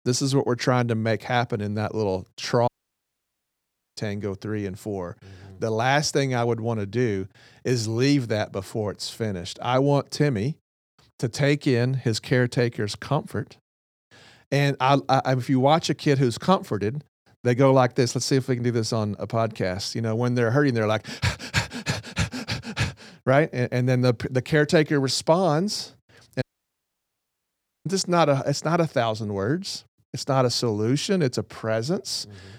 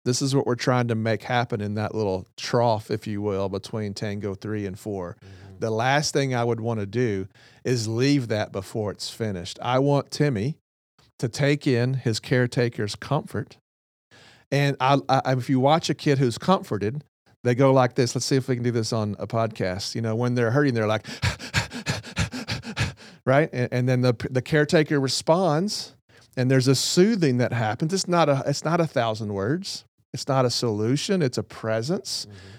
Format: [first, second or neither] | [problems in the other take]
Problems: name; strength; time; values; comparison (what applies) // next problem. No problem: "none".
second | audio cutting out; at 2.5 s for 1.5 s and at 26 s for 1.5 s